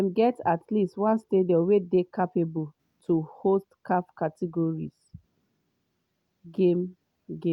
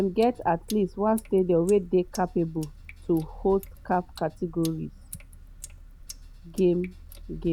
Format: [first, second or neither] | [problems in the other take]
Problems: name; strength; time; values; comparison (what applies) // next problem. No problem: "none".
first | background sound (Sink (filling or washing)); 17 dB below the speech